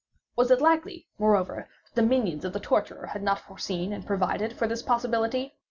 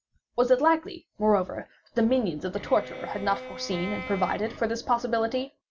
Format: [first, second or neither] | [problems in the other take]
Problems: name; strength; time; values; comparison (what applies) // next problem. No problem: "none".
first | background sound (Bowed string instrument); 14 dB below the speech